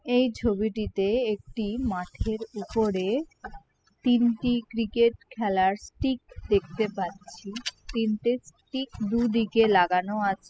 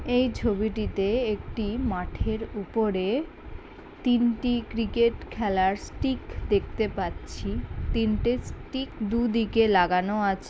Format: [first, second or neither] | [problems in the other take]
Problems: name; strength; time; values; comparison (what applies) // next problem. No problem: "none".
second | noise reduction (classical method spectral subtraction)